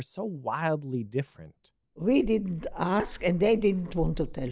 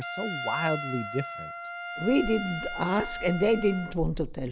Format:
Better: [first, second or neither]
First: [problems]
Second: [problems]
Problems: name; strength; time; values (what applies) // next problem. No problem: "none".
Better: first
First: none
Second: background sound (Trumpet); 8 dB below the speech